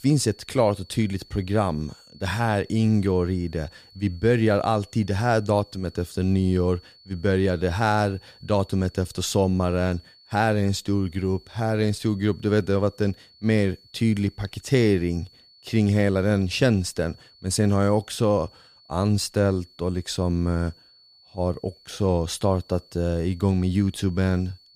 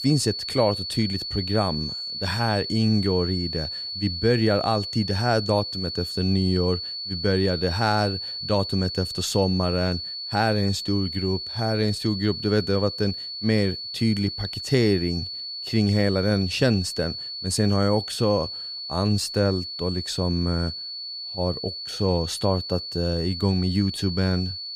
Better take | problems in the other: first | high-pitched whine; loud; throughout; 4.5 kHz, 5 dB below the speech; faint in the first

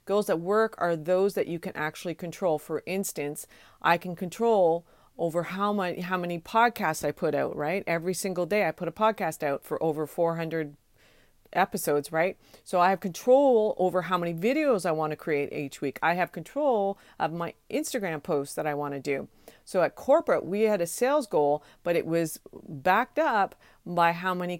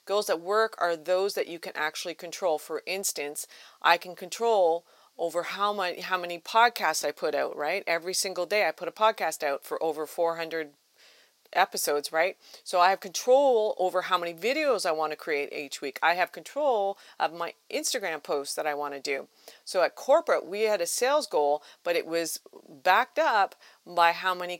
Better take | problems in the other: first | thin; somewhat; fading below 500 Hz

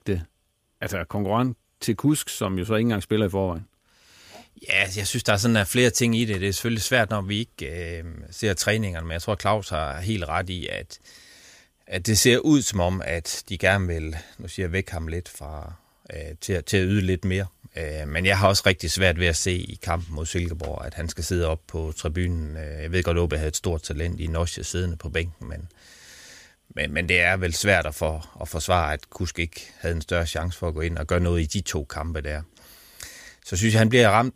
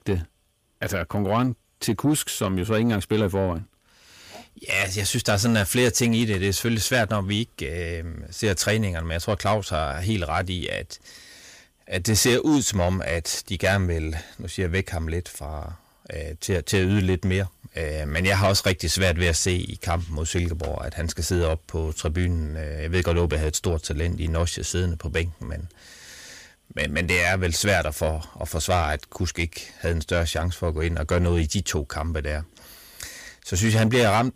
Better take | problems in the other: first | distortion; slight; 10 dB below the speech

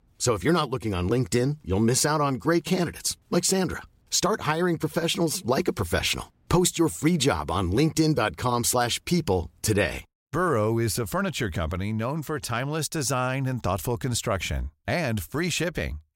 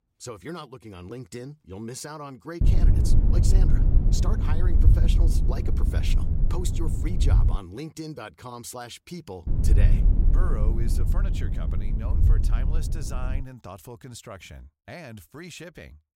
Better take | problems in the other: first | low rumble; loud; from 2.5 to 7.5 s and from 9.5 to 13 s; 1 dB below the speech

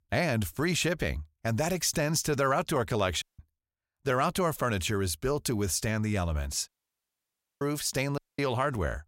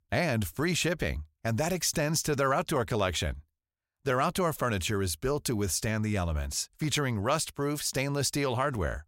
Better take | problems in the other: second | audio cutting out; at 3 s, at 6.5 s for 1 s and at 8 s

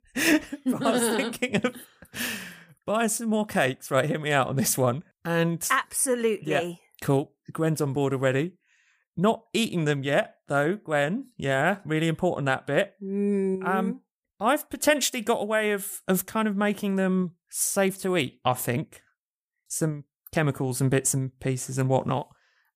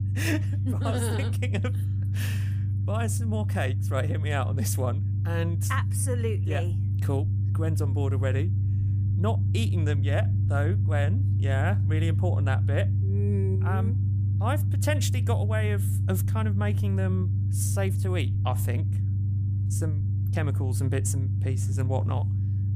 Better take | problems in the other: first | low rumble; loud; throughout; 6 dB below the speech

